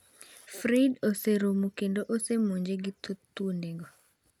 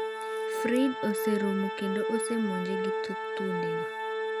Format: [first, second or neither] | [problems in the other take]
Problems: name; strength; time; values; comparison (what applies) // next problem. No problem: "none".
first | background sound (Organ); as loud as the speech